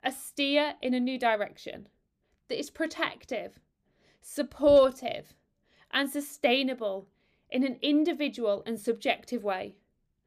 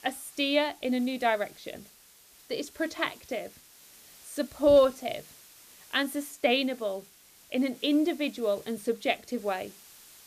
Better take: first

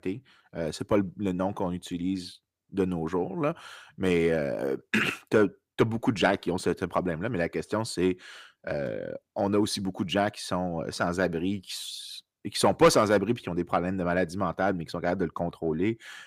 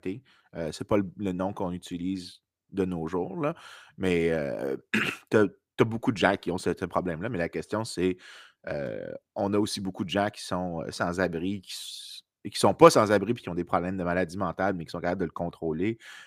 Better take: second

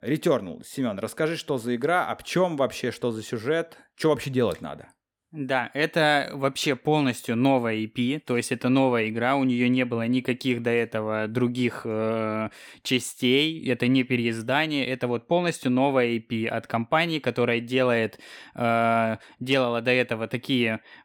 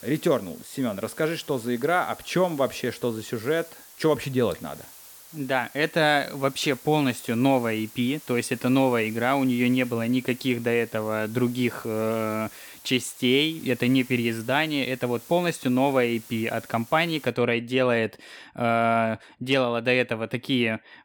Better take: first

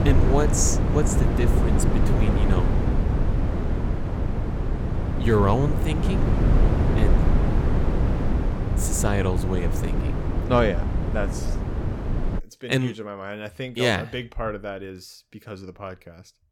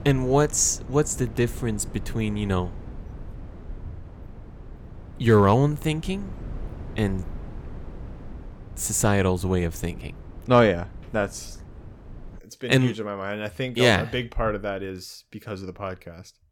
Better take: second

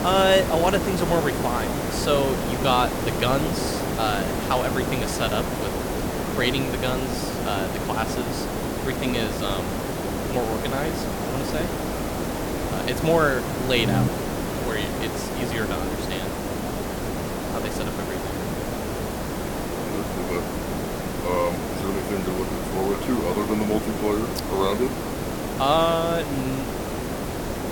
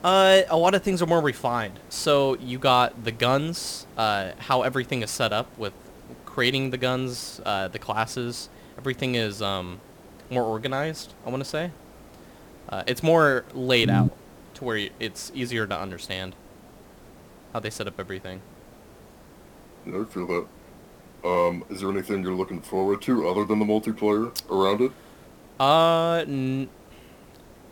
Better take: second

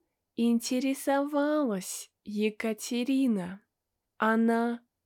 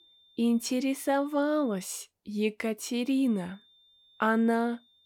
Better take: first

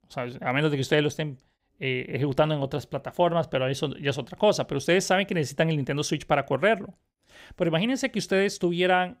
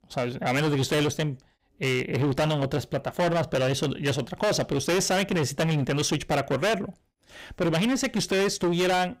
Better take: first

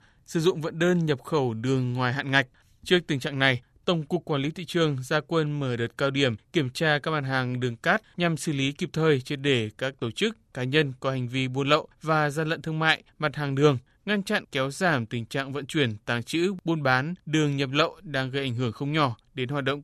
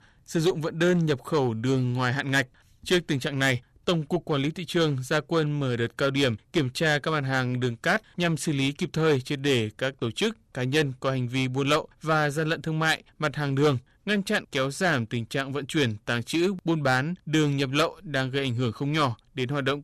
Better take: first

